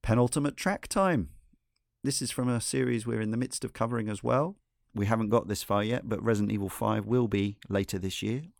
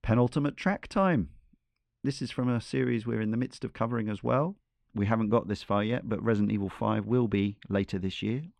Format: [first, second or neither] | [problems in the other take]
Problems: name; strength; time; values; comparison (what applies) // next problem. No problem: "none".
first | muffled; slightly; fading above 3 kHz